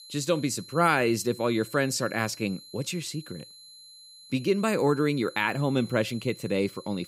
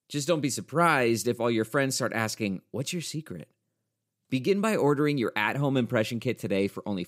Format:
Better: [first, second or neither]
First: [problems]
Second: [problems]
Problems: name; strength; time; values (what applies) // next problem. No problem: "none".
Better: second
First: high-pitched whine; noticeable; throughout; 4 kHz, 20 dB below the speech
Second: none